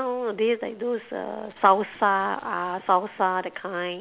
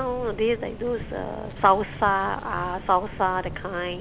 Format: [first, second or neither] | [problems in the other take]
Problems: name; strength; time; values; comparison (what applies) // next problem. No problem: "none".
first | background sound (Subway, metro, underground); 12 dB below the speech